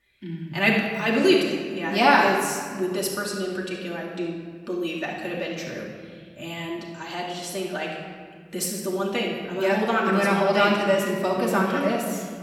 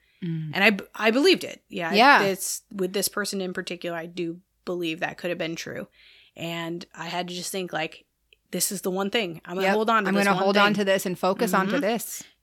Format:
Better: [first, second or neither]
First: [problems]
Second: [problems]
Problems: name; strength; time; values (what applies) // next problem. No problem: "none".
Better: second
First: room echo; noticeable; dies away in 1.9 s // off-mic speech; far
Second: none